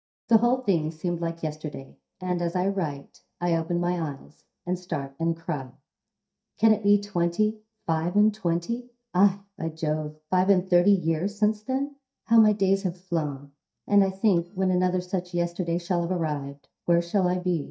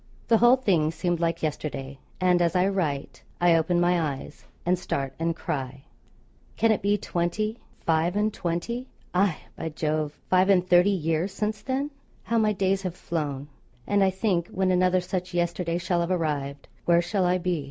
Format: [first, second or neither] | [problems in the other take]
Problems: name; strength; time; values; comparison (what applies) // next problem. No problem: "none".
second | noise reduction (neural mask model DeepFilterNet 3)